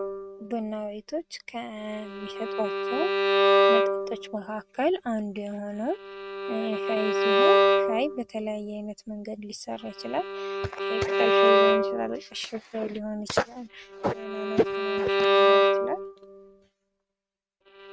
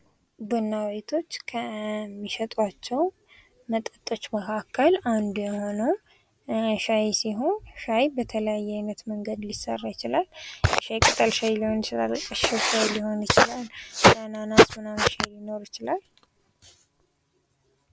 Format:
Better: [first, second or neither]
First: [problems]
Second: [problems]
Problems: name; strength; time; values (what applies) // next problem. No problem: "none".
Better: second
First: noise reduction (neural mask model RNNoise)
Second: none